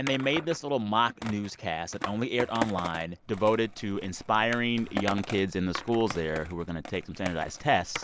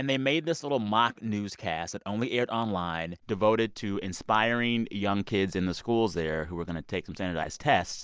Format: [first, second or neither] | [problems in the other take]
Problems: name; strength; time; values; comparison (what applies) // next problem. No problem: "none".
second | background sound (Skateboard); 11 dB below the speech